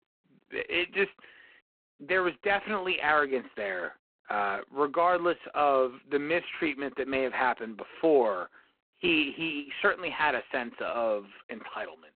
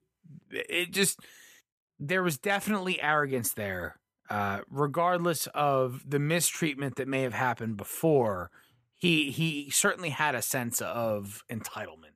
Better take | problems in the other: second | phone-call audio; poor line

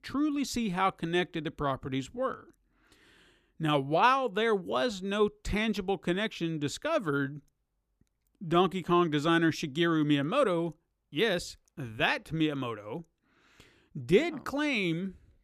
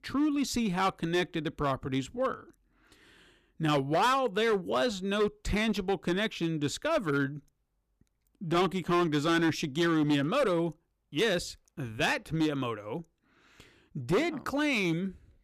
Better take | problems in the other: first | distortion; slight; 6% of the sound clipped

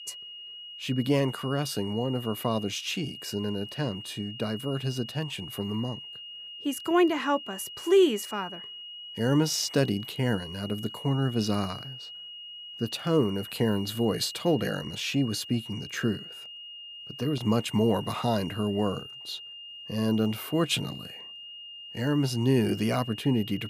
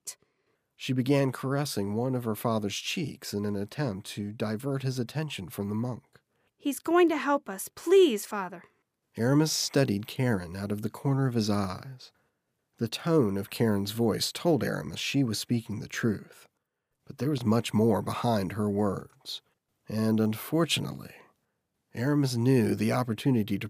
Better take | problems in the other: second | high-pitched whine; noticeable; throughout; 3 kHz, 10 dB below the speech

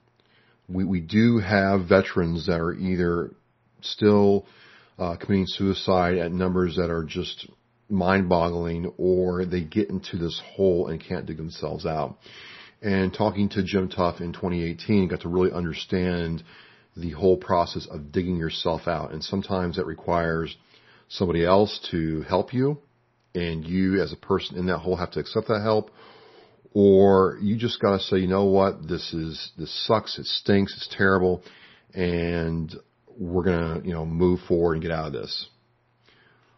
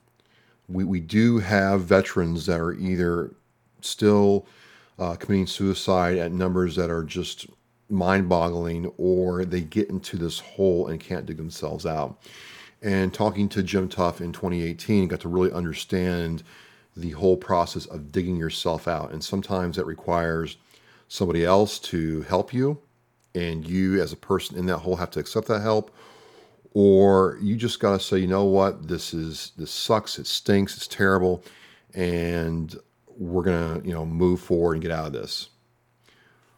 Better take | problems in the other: second | garbled, watery; slightly; nothing above 5.5 kHz

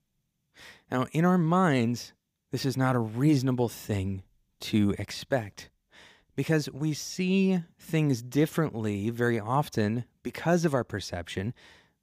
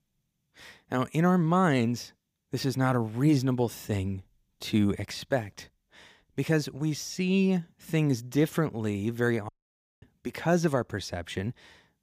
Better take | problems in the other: first | audio cutting out; at 9.5 s for 0.5 s

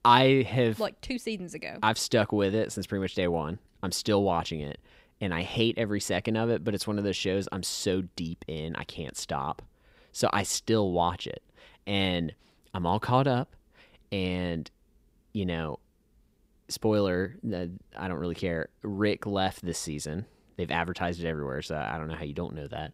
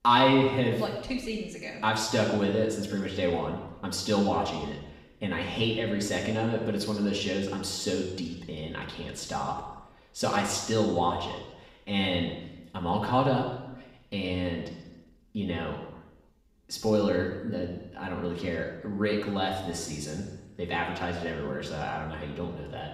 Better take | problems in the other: first | room echo; noticeable; dies away in 0.9 s // off-mic speech; far

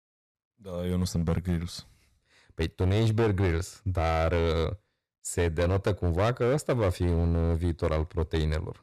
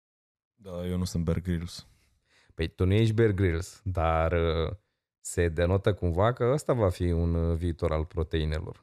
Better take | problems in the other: second | distortion; slight; 9% of the sound clipped

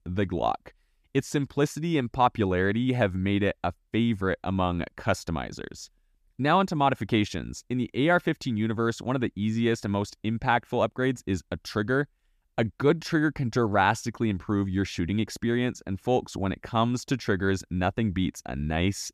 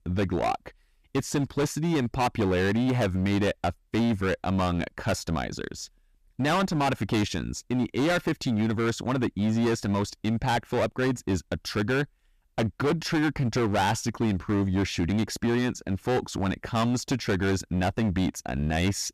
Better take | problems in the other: first | distortion; heavy; 17% of the sound clipped

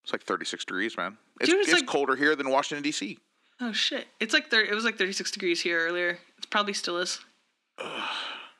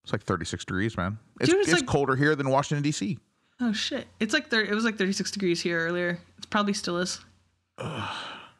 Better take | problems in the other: second | thin; somewhat; fading below 250 Hz

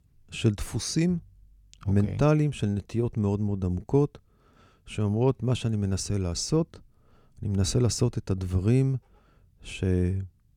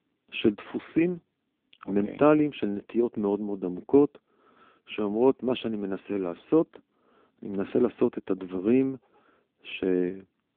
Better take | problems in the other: first | phone-call audio; poor line; nothing above 3.5 kHz

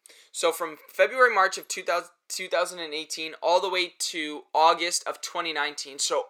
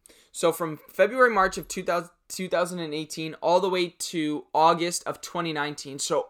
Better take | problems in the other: second | thin; somewhat; fading below 500 Hz

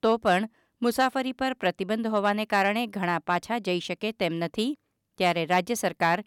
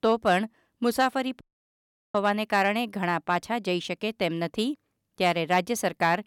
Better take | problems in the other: first | audio cutting out; at 1.5 s for 0.5 s

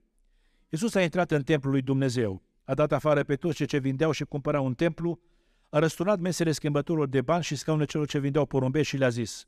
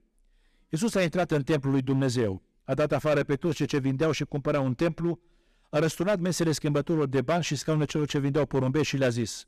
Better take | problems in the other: first | distortion; slight; 8% of the sound clipped

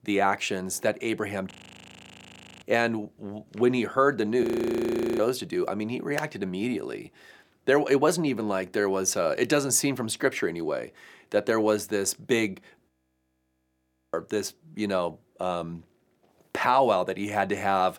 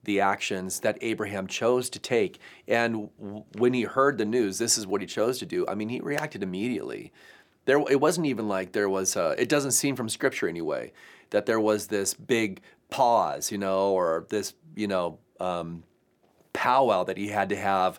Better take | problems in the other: second | audio freezing; at 1.5 s for 1 s, at 4.5 s for 1 s and at 13 s for 1 s

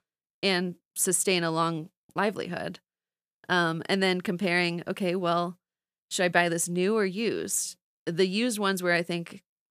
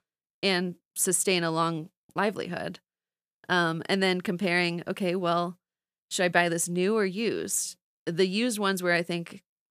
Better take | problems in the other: neither | none

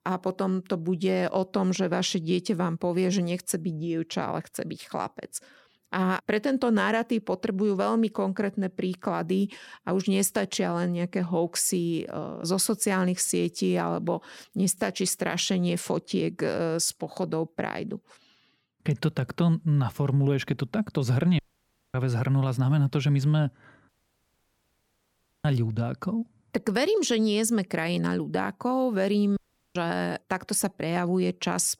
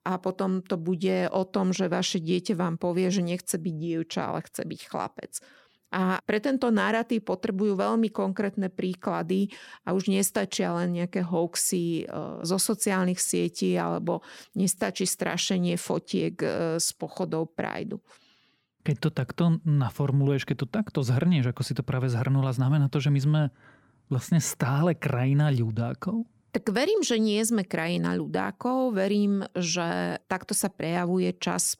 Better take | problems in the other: second | audio cutting out; at 21 s for 0.5 s, at 24 s for 1.5 s and at 29 s

